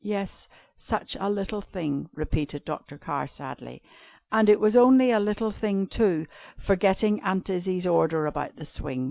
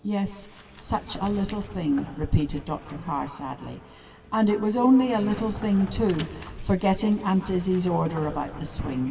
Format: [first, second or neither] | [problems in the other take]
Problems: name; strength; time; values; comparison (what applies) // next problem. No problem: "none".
first | background sound (Sliding door); 16 dB below the speech // room echo; dies away in 1.4 s